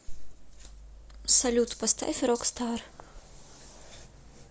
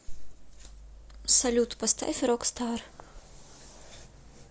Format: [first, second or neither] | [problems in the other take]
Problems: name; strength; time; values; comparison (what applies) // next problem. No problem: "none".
second | background sound (Rattle (instrument)); 17 dB below the speech